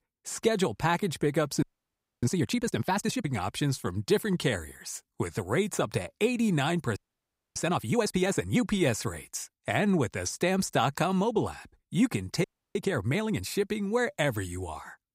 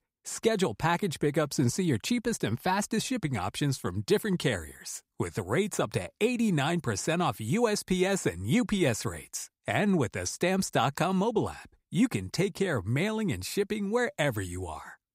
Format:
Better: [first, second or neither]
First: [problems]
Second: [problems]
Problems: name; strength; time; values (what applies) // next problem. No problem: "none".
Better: second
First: audio freezing; at 1.5 s for 0.5 s, at 7 s for 0.5 s and at 12 s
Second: none